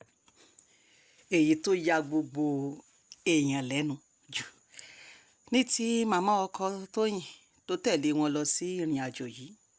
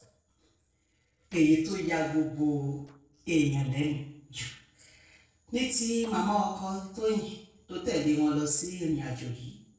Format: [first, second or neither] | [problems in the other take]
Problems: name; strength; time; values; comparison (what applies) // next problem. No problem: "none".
first | noise reduction (neural separator model SepFormer DNS4)